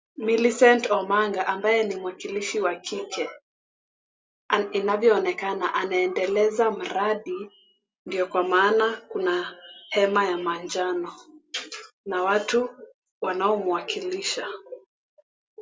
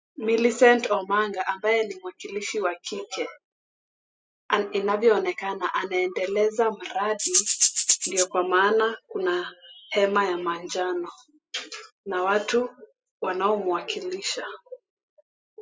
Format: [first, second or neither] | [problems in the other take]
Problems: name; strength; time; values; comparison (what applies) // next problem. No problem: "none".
first | noise reduction (classical method spectral subtraction)